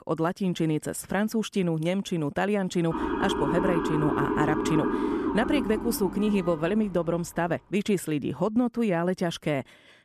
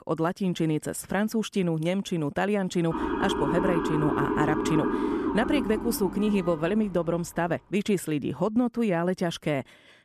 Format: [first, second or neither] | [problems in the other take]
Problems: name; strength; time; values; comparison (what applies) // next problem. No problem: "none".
neither | siren; loud; from 3 to 7 s; peak 1 dB above the speech; the same in both